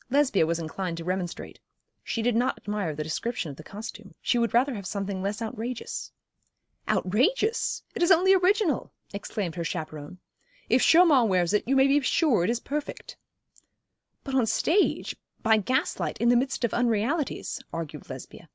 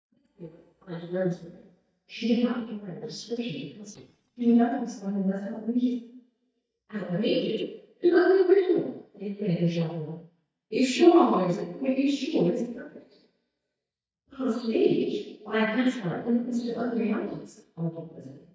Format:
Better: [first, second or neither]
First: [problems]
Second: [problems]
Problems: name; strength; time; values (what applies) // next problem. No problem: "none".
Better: first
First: none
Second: noise reduction (neural mask model DeepFilterNet 3)